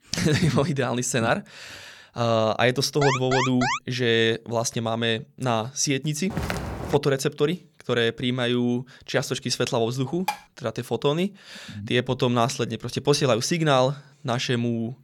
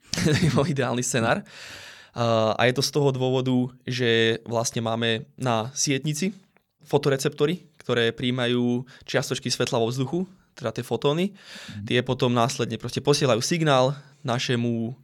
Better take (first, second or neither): second